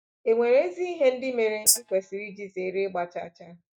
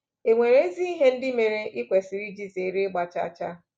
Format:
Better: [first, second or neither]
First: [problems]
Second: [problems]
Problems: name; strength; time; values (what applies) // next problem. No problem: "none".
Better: second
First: noise reduction (neural mask model DeepFilterNet 3)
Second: none